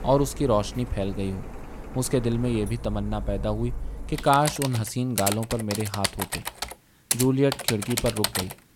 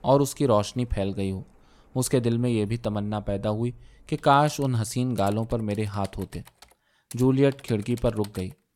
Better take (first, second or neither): second